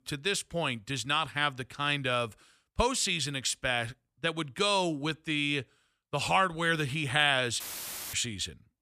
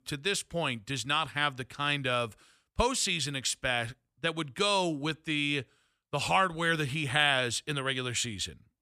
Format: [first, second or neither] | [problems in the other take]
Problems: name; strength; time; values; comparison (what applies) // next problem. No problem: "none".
second | audio cutting out; filled with static; at 7.5 s for 0.5 s